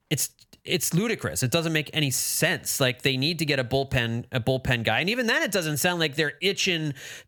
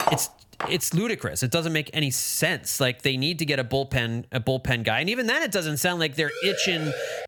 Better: first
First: none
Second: clattering dishes; noticeable; at the start; peak 2 dB below the speech // siren; noticeable; at 6.5 s; peak 7 dB below the speech

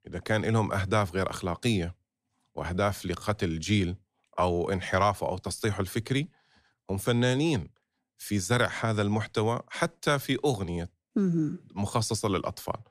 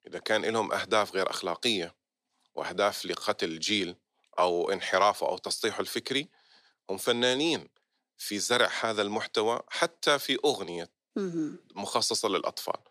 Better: first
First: none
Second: thin; somewhat; fading below 400 Hz

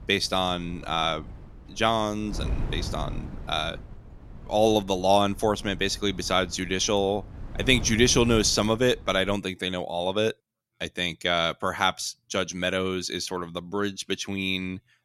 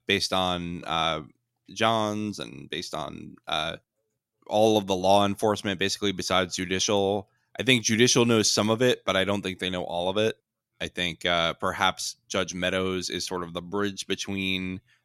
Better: second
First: wind noise on the microphone; occasional gusts; until 9.5 s; 20 dB below the speech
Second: none

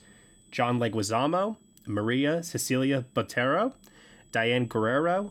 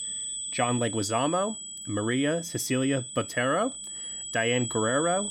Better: first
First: high-pitched whine; faint; throughout; 8 kHz, 35 dB below the speech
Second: high-pitched whine; loud; throughout; 8 kHz, 6 dB below the speech

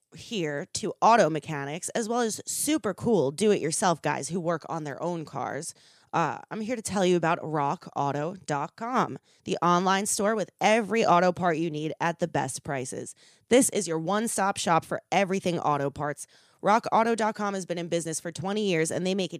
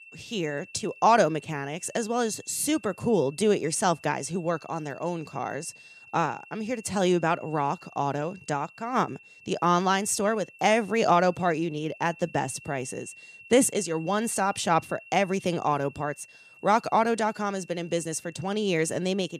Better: first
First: none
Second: high-pitched whine; faint; throughout; 2.5 kHz, 20 dB below the speech

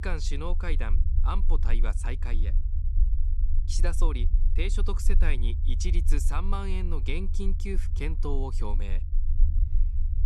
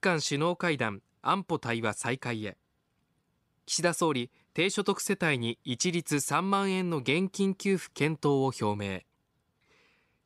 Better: second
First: low rumble; noticeable; throughout; 10 dB below the speech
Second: none

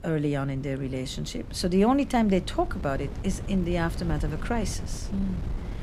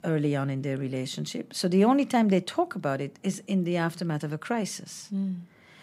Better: second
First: wind noise on the microphone; occasional gusts; 15 dB below the speech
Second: none

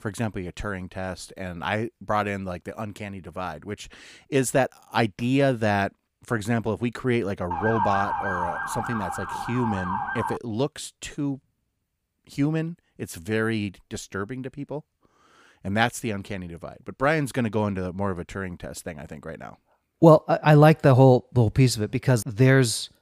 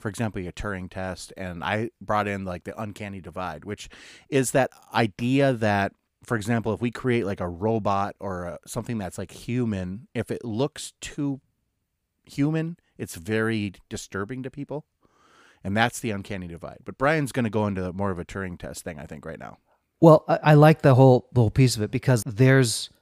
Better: second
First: siren; noticeable; from 7.5 to 10 s; peak 2 dB below the speech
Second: none

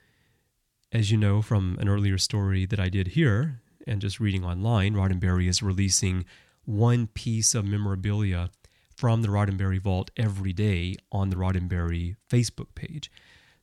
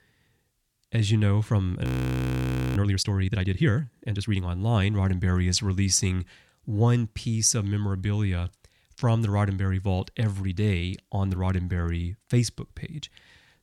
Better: first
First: none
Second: audio freezing; at 2 s for 1 s

